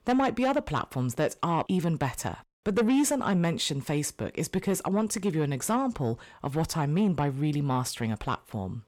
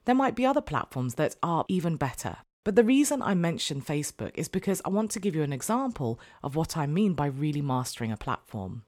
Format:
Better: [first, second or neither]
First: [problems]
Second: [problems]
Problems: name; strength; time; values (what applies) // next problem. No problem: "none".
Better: second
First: distortion; slight; 10 dB below the speech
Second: none